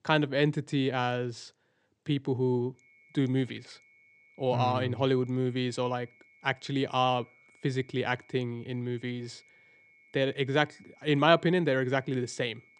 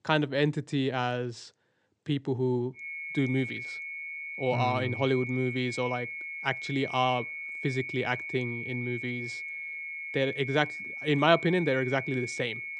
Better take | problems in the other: first | high-pitched whine; loud; from 3 s on; 2 kHz, 6 dB below the speech; faint in the first

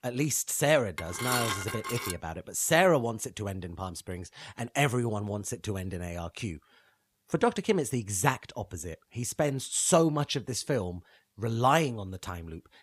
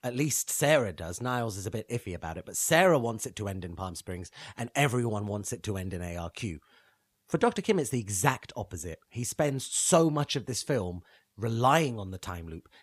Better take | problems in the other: second | clattering dishes; noticeable; from 1 to 2 s; peak level with the speech

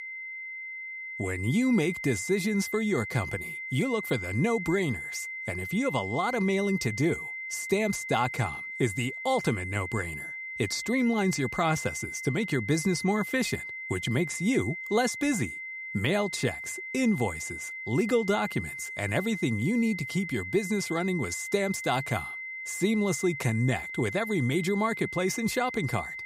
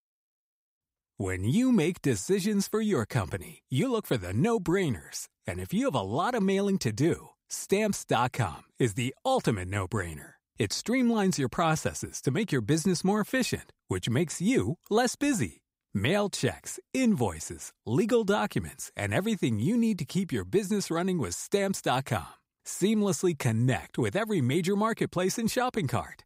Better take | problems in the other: second | high-pitched whine; loud; throughout; 2 kHz, 7 dB below the speech

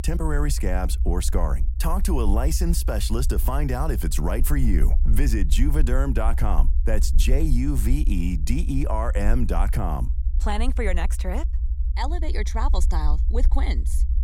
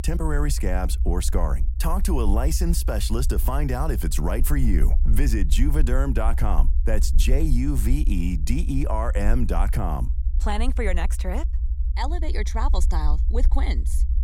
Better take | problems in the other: neither | low rumble; noticeable; throughout; 15 dB below the speech; the same in both

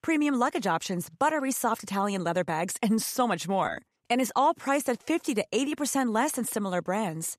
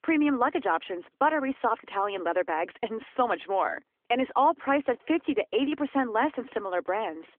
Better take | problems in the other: first | phone-call audio; nothing above 3 kHz

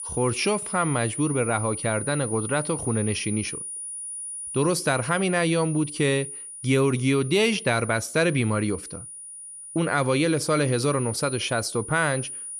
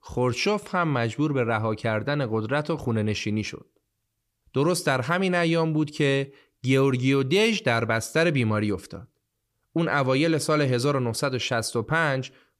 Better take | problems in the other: second | high-pitched whine; loud; throughout; 9.5 kHz, 9 dB below the speech

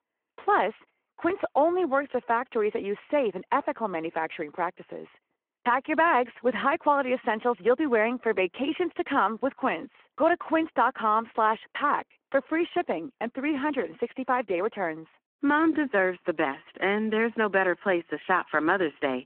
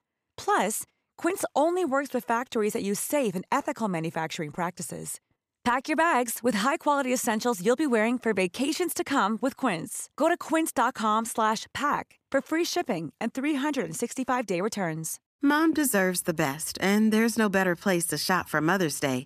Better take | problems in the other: second | phone-call audio

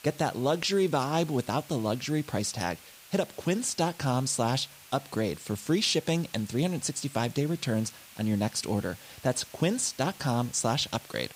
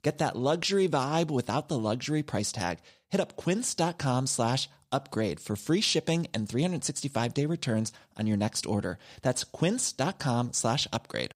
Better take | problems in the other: second | hiss; noticeable; throughout; 20 dB below the speech

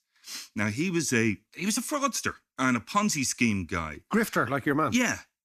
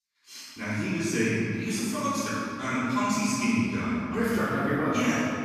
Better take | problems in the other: first | room echo; strong; dies away in 2.6 s // off-mic speech; far

